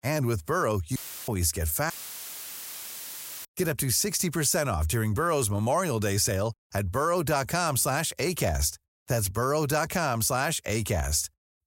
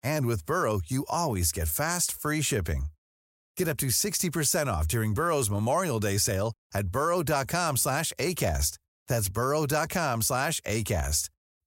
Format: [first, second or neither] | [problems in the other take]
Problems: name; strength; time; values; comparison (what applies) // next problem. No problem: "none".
second | audio cutting out; filled with static; at 1 s and at 2 s for 1.5 s